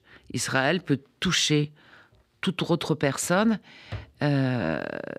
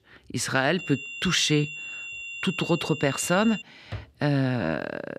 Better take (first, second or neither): first